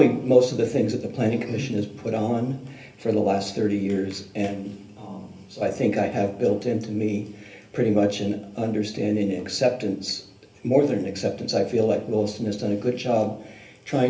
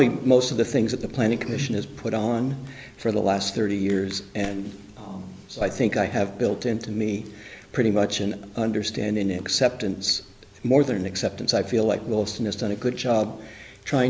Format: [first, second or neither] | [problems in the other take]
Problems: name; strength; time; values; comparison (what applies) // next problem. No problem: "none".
second | room echo; dies away in 0.3 s